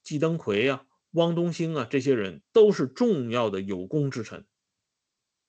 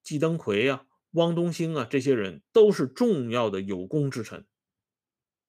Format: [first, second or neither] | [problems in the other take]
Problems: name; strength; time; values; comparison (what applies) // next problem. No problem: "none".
second | garbled, watery; slightly; nothing above 7.5 kHz